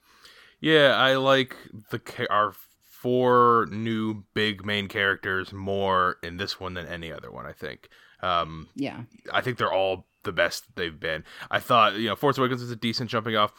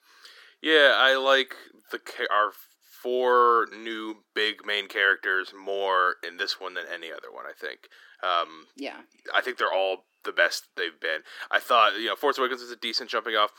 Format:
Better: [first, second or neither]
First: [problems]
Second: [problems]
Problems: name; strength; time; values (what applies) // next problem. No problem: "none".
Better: first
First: none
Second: thin; somewhat; fading below 300 Hz